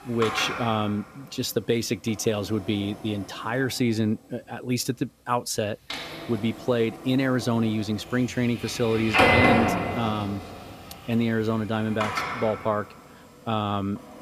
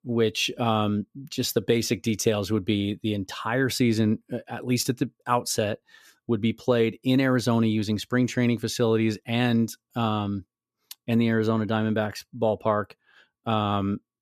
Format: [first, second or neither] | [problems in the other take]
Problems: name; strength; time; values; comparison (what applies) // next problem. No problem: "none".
second | household noises; very loud; throughout; 1 dB above the speech